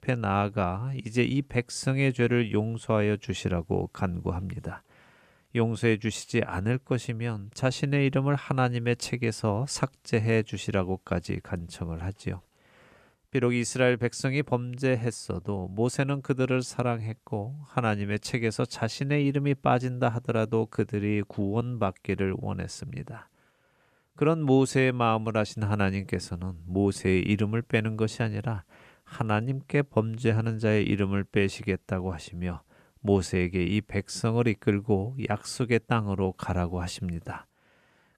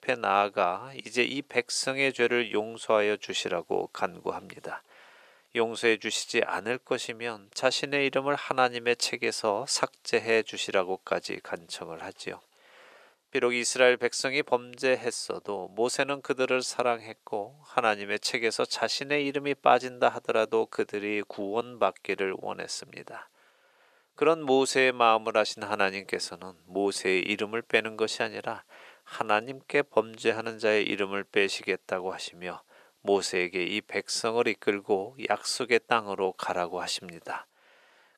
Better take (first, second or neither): first